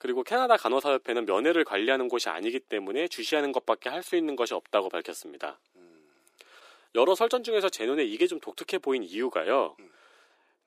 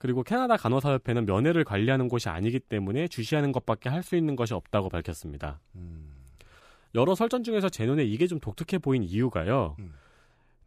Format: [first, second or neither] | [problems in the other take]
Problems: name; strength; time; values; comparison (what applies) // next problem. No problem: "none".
second | thin; very; fading below 350 Hz